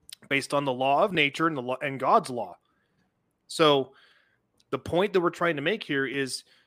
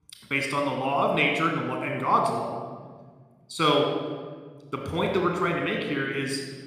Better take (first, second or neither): first